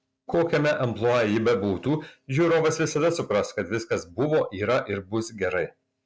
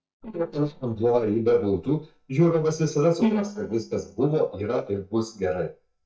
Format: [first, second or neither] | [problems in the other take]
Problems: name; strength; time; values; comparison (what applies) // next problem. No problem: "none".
first | noise reduction (neural mask model DeepFilterNet 3)